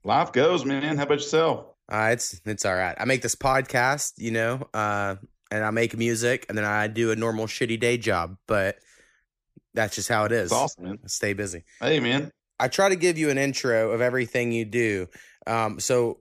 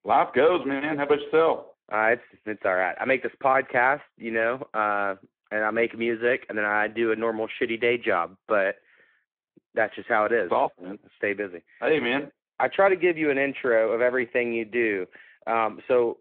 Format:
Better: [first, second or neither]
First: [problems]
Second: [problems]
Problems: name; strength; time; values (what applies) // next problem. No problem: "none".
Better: first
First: none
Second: phone-call audio